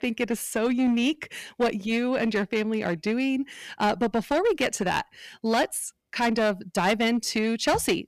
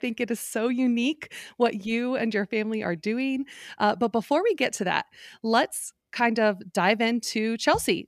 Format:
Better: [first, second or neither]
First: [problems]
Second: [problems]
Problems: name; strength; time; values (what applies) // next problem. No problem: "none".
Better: second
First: distortion; slight; 7% of the sound clipped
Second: none